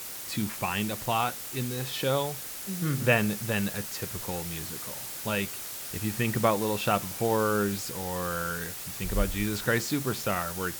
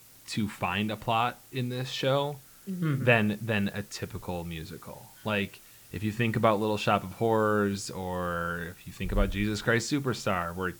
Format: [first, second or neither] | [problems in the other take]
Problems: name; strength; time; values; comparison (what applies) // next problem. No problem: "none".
second | hiss; loud; throughout; 6 dB below the speech; faint in the second